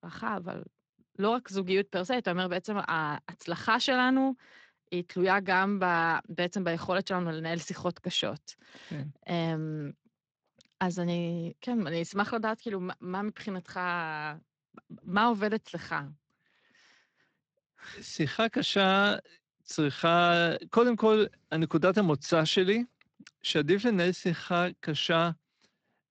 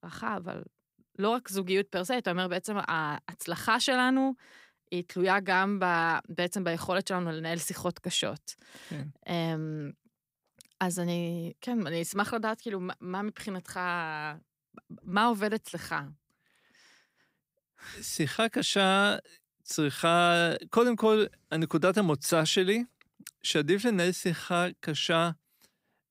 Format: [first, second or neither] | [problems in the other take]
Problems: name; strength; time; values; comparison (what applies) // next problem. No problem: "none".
second | garbled, watery; slightly; nothing above 7.5 kHz